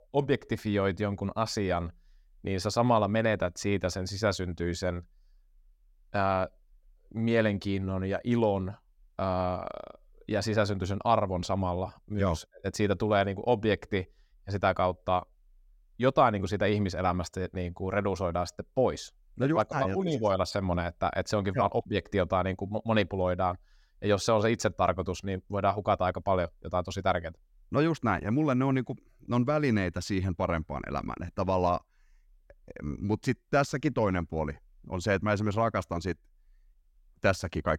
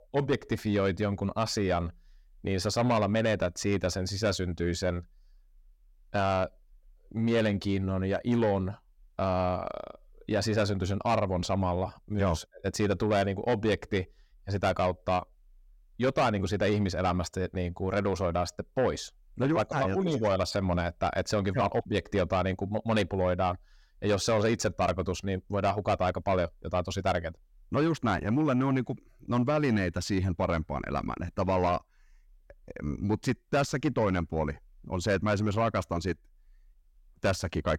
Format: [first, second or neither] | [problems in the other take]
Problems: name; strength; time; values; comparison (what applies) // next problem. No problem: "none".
first | distortion; slight; 10 dB below the speech